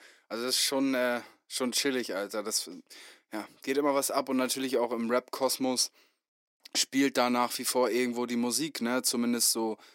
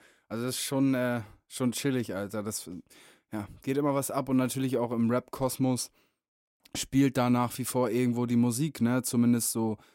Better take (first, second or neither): second